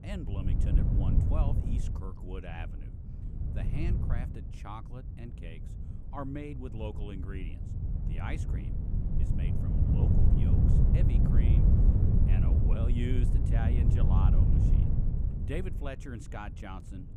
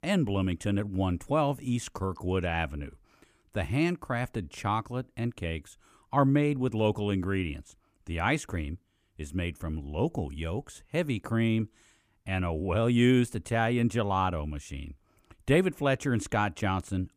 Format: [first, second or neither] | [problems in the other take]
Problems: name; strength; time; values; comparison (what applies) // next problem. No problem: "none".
second | wind noise on the microphone; heavy; 2 dB above the speech